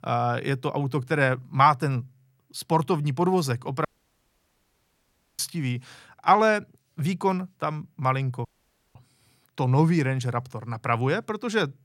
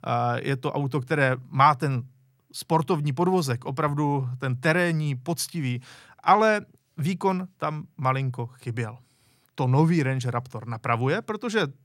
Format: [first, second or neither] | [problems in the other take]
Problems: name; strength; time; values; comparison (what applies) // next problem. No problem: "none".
second | audio cutting out; at 4 s for 1.5 s and at 8.5 s for 0.5 s